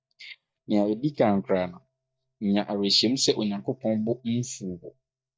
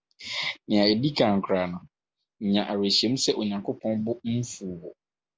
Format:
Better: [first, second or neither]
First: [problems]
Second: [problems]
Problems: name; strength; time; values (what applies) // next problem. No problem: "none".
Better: second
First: noise reduction (neural mask model DeepFilterNet 3)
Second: none